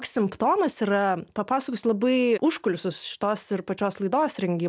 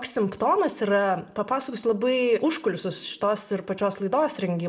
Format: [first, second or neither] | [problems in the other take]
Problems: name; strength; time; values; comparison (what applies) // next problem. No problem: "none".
first | room echo; dies away in 0.5 s